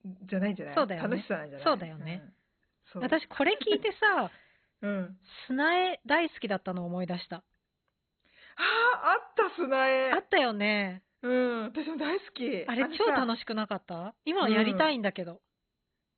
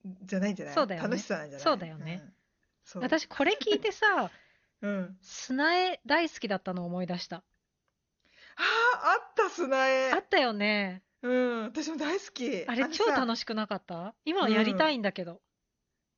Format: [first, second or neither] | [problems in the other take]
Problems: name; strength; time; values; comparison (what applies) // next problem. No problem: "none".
second | garbled, watery; badly; nothing above 4 kHz; slightly in the second